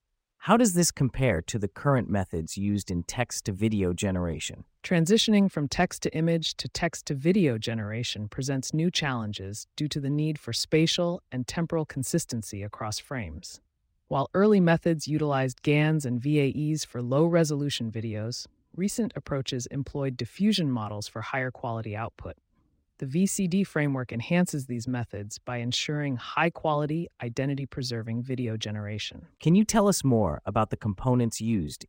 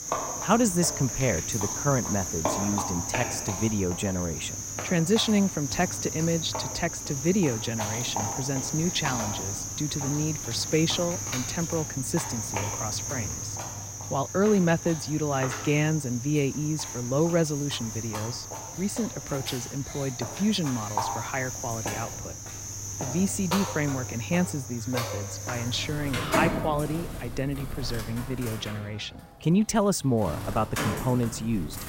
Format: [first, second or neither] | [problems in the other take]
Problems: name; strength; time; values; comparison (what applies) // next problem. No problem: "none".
first | animal sounds; loud; throughout; 4 dB below the speech